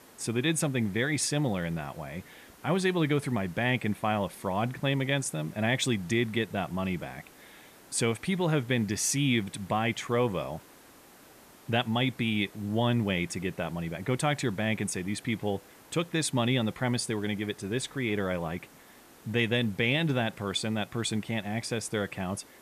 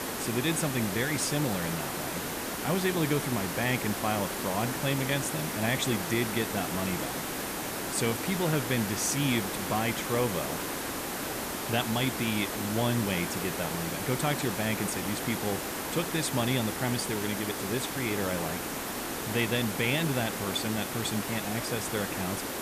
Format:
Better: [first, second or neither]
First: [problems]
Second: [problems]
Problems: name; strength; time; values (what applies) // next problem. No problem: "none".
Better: first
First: hiss; faint; throughout; 25 dB below the speech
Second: hiss; loud; throughout; 2 dB below the speech